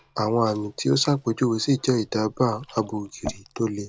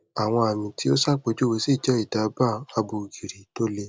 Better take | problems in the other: second | background sound (Liquid); 19 dB below the speech

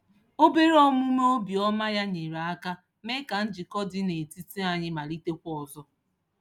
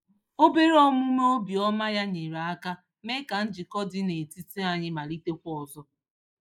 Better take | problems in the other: first | noise reduction (neural mask model Resemble Enhance denoiser)

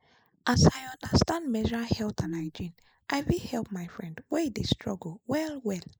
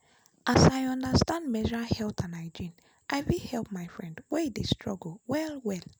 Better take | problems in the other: second | noise reduction (neural mask model Resemble Enhance denoiser)

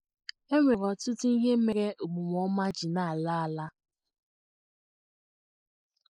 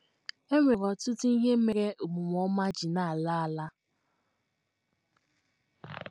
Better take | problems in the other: second | noise reduction (neural mask model Resemble Enhance denoiser)

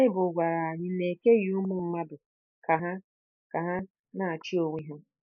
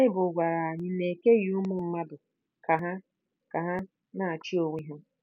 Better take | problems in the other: second | noise reduction (neural mask model Resemble Enhance denoiser)

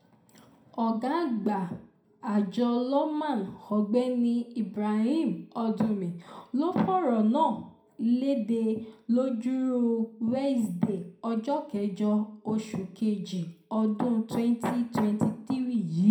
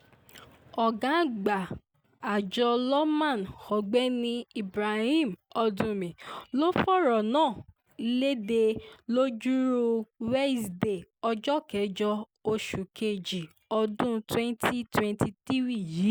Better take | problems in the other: second | room echo; dies away in 0.4 s

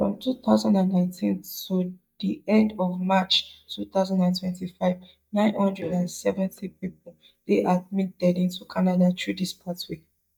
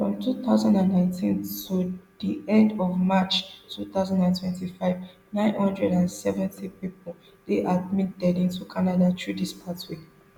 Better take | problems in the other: second | noise reduction (neural mask model DeepFilterNet 3)

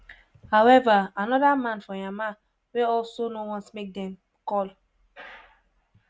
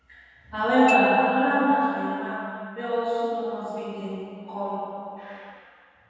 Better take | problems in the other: first | background sound (Glockenspiel); 10 dB below the speech // room echo; dies away in 2.1 s

